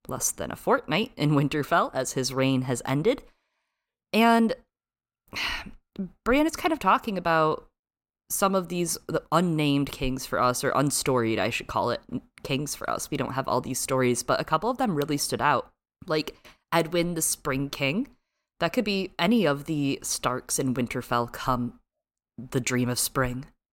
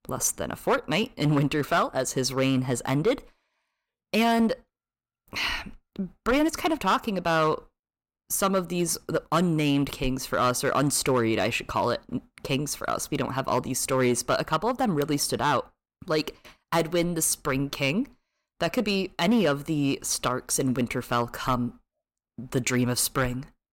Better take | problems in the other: first | distortion; slight; 4% of the sound clipped

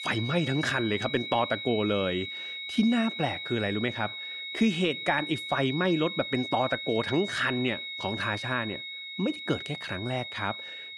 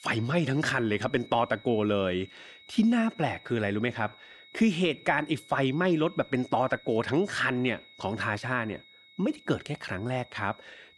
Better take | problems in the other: second | high-pitched whine; loud; throughout; 4 kHz, 6 dB below the speech; faint in the second

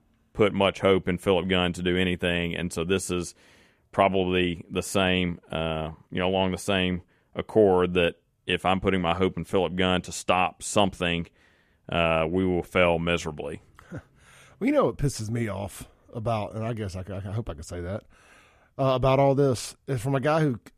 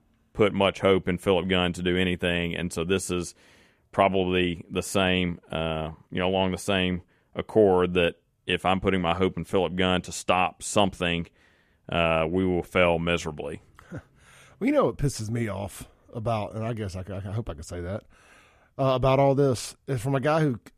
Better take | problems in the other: neither | none

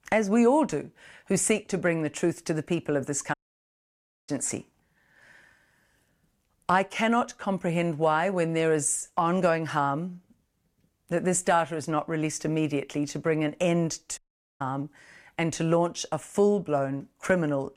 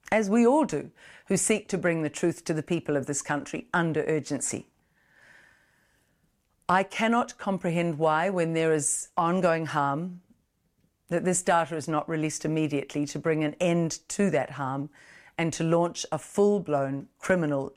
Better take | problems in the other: second | audio cutting out; at 3.5 s for 1 s and at 14 s

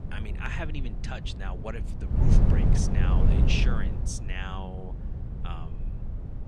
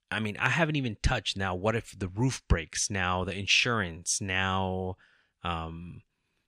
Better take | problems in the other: second | wind noise on the microphone; heavy; 3 dB below the speech

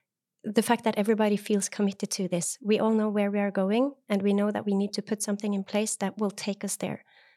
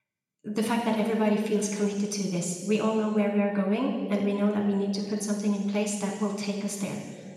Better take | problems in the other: first | room echo; noticeable; dies away in 1.6 s // off-mic speech; somewhat distant

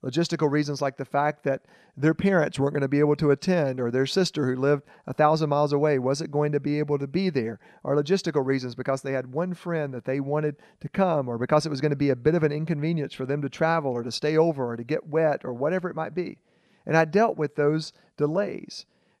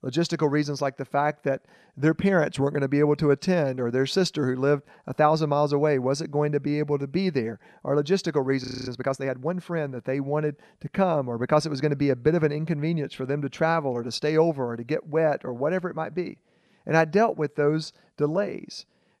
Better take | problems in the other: first | audio freezing; at 8.5 s

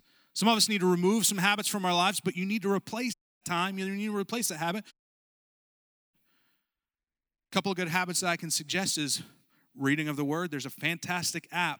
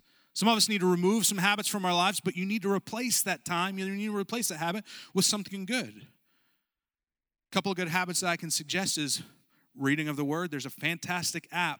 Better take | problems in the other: second | audio cutting out; at 3 s and at 5 s for 1 s

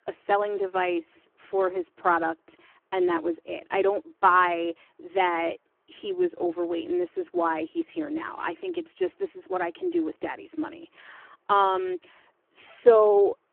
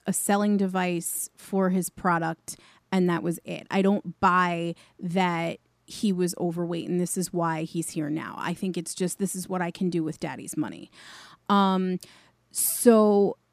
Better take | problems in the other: second | phone-call audio; poor line

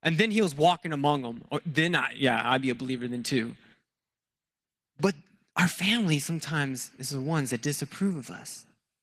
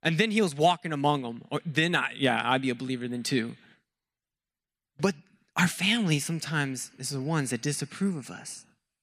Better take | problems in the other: second | garbled, watery; slightly

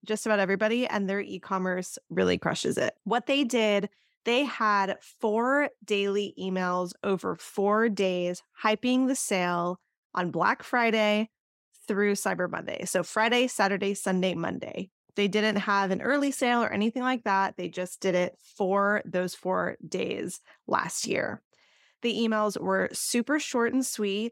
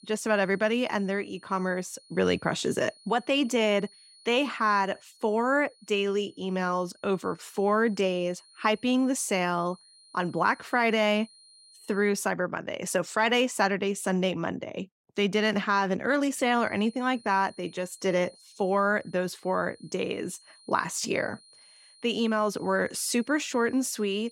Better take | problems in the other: first | high-pitched whine; faint; until 12 s and from 16 s on; 4 kHz, 25 dB below the speech

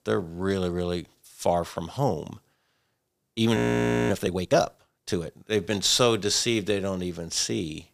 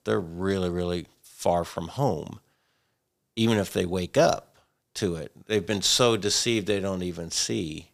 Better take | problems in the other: second | audio freezing; at 3.5 s for 0.5 s

